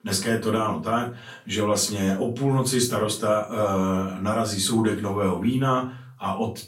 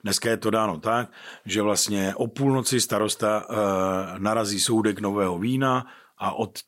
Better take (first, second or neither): second